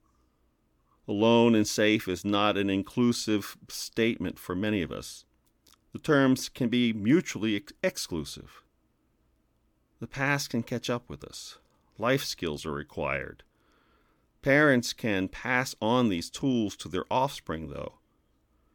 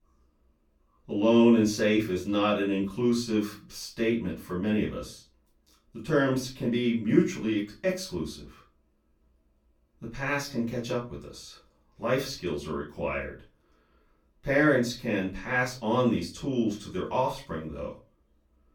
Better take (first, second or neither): first